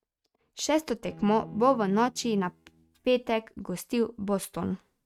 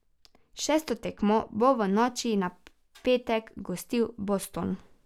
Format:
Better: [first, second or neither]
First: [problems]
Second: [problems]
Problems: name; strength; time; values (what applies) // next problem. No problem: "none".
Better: second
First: noise reduction (neural mask model RNNoise)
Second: none